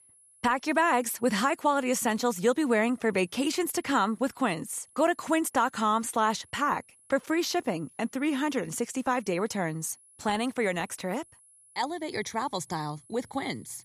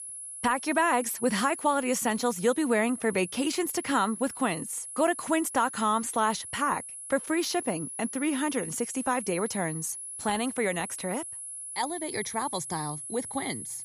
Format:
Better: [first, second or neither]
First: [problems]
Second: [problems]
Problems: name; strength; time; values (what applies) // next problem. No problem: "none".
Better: first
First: high-pitched whine; faint; throughout; 10.5 kHz, 30 dB below the speech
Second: high-pitched whine; loud; throughout; 10.5 kHz, 8 dB below the speech